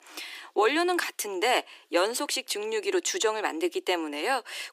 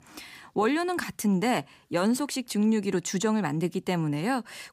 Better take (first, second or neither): second